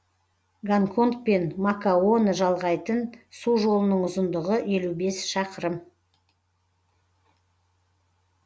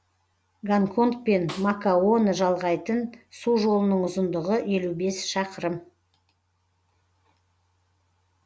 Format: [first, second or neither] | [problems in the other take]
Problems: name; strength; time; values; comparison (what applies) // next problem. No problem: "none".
first | background sound (Snare drum); 18 dB below the speech